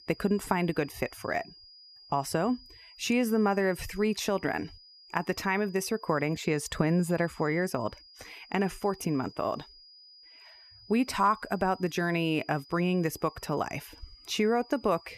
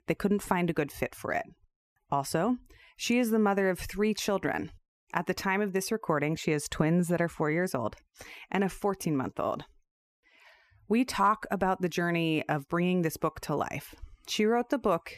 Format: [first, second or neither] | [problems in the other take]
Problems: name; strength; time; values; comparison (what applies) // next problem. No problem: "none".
second | high-pitched whine; faint; throughout; 5 kHz, 20 dB below the speech